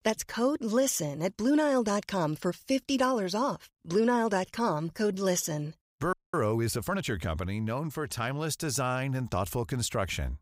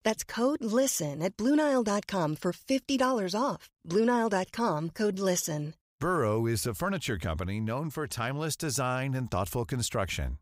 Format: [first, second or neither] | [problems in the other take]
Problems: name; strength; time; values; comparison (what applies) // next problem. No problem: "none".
second | audio freezing; at 6 s